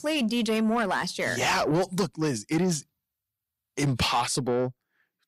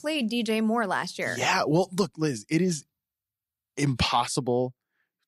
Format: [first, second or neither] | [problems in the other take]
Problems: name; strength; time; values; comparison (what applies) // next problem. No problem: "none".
second | distortion; slight; 10 dB below the speech